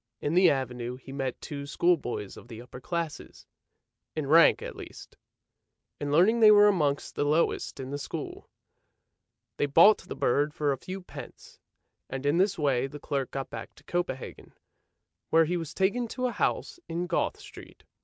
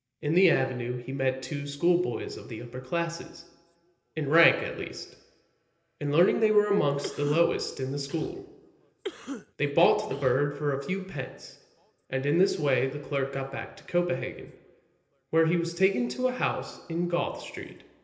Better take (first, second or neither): first